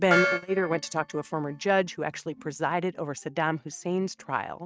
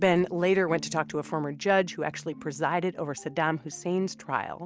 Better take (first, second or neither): second